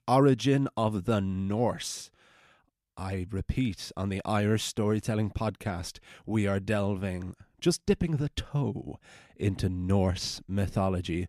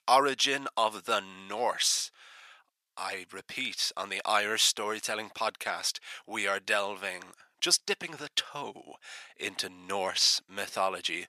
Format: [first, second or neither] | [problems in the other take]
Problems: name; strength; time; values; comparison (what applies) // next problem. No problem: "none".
first | thin; very; fading below 950 Hz